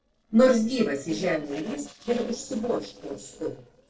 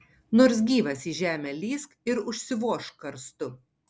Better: second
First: noise reduction (neural separator model SepFormer DNS4)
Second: none

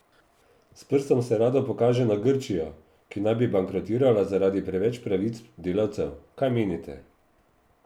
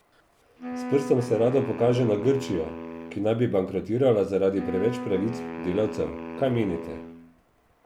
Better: first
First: none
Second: background sound (Wind instrument, woodwind instrument); 10 dB below the speech

